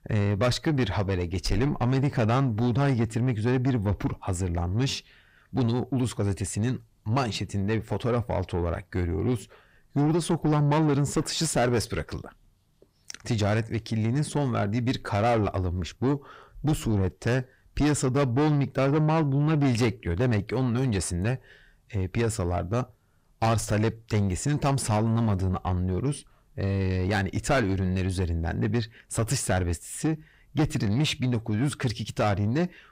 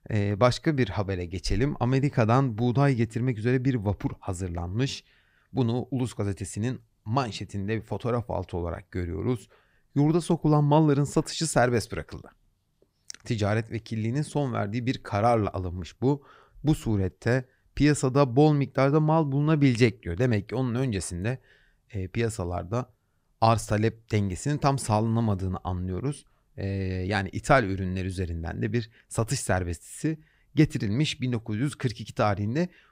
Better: second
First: distortion; heavy; 8 dB below the speech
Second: none

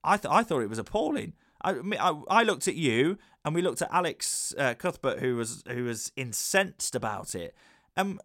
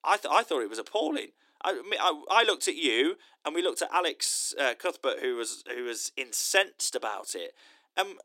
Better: first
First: none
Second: thin; somewhat; fading below 300 Hz

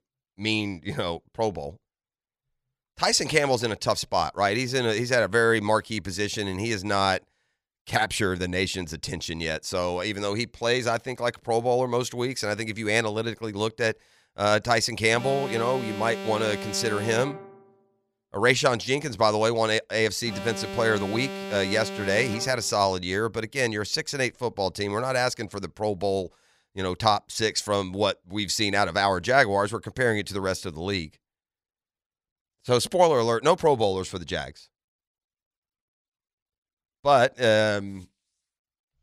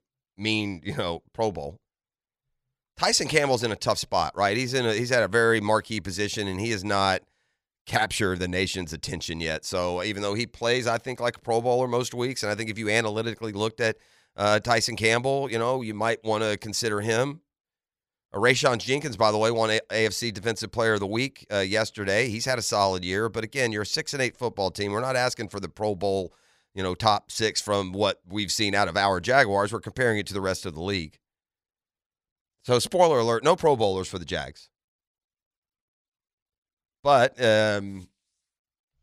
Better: second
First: alarm; noticeable; from 15 to 23 s; peak 9 dB below the speech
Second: none

